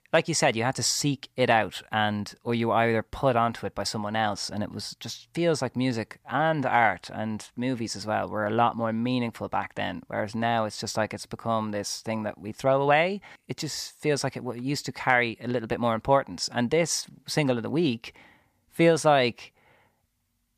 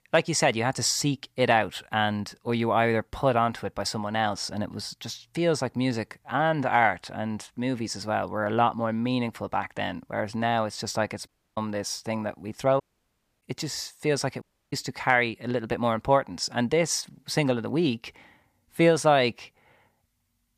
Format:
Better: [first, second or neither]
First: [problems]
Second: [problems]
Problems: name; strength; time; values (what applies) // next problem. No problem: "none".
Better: first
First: none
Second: audio cutting out; at 11 s, at 13 s for 0.5 s and at 14 s